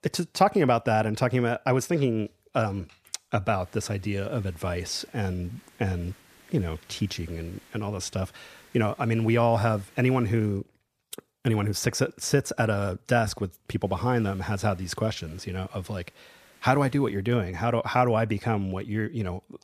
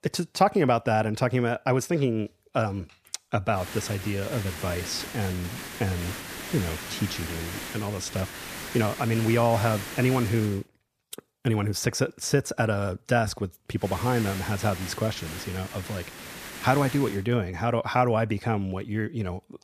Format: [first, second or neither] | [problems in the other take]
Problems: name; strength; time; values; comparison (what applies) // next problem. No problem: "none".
first | hiss; loud; from 3.5 to 11 s and from 14 to 17 s; 9 dB below the speech; faint in the first